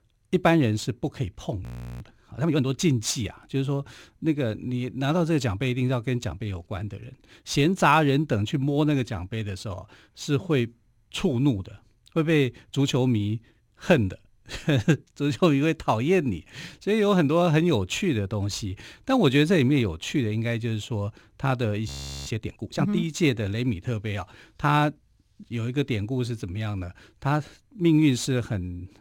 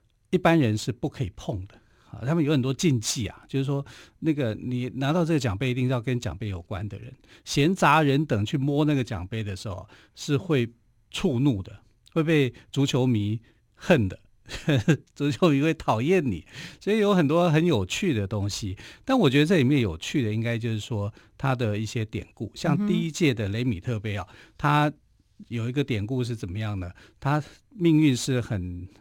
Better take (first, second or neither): second